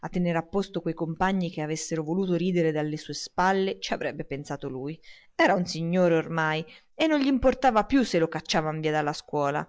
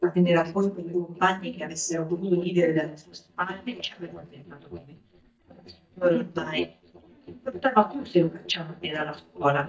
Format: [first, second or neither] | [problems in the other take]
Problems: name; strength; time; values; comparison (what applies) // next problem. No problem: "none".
first | noise reduction (neural mask model DeepFilterNet 3)